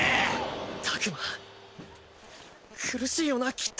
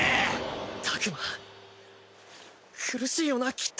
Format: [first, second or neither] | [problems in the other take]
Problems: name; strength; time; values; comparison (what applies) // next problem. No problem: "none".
second | background sound (Crowd); 16 dB below the speech